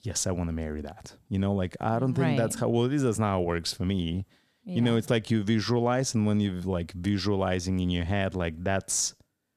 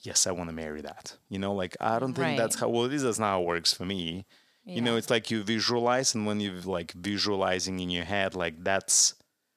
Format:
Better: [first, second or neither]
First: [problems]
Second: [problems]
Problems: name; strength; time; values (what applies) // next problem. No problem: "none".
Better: first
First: none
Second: thin; somewhat; fading below 550 Hz